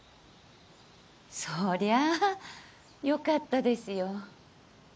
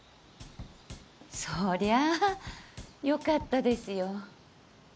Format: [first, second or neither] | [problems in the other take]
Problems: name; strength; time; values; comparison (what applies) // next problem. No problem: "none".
first | background sound (Drum / Drum kit); 16 dB below the speech